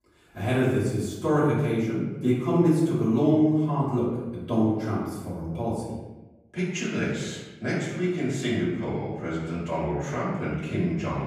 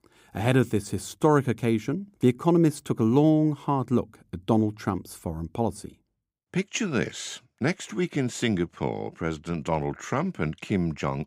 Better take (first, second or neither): second